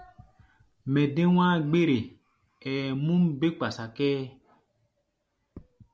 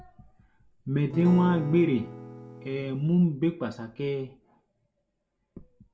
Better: first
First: none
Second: background sound (Acoustic guitar / Strum); 11 dB below the speech // room echo; dies away in 0.2 s

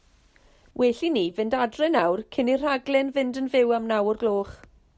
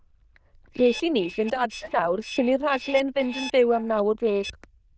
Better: first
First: none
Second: noise reduction (neural diffusion model UNIVERSE++)

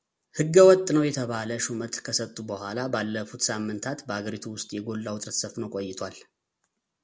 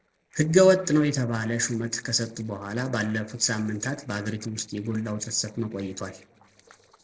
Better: first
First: none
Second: noise reduction (neural separator model SepFormer DNS4)

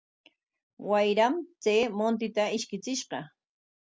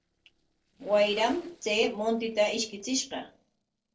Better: first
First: none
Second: noise reduction (neural separator model SepFormer DNS4)

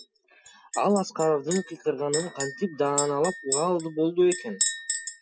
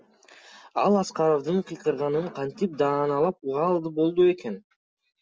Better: second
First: noise reduction (classical method Wiener filter)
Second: none

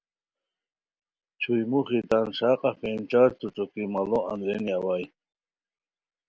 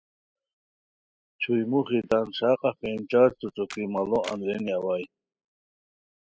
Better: first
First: none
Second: noise reduction (classical method spectral subtraction)

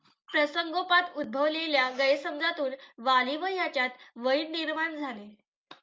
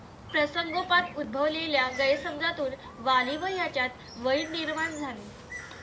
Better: first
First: none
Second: background sound (Bird); 14 dB below the speech

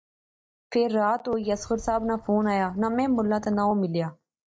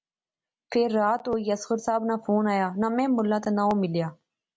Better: second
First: noise reduction (neural mask model DeepFilterNet 3)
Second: none

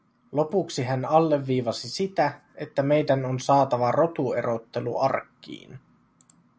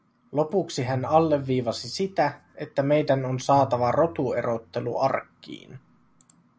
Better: first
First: none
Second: background sound (Tabla); 20 dB below the speech

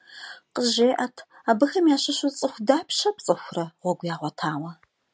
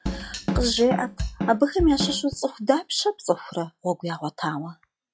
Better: first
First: none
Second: noise reduction (classical method log-MMSE)

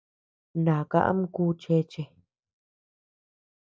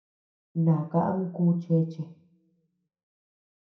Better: first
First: none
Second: room echo; dies away in 0.5 s

